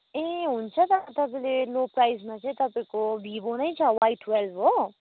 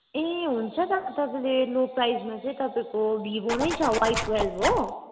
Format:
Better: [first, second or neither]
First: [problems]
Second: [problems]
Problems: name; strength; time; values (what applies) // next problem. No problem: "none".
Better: first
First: none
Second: background sound (Zipper (clothing)); 5 dB below the speech // room echo; dies away in 1.6 s